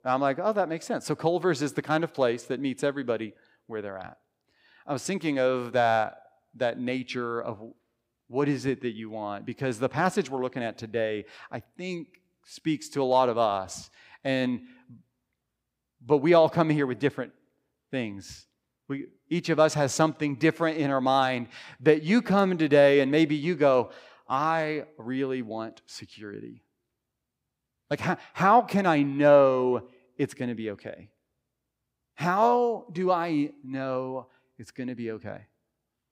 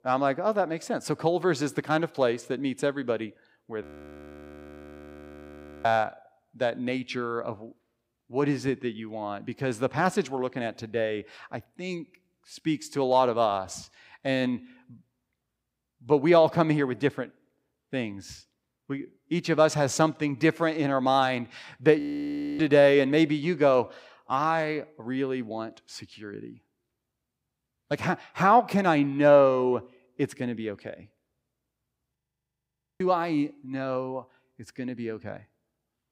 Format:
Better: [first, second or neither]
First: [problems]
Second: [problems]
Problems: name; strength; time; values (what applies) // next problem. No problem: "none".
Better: first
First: none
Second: audio freezing; at 4 s for 2 s, at 22 s for 0.5 s and at 32 s for 1 s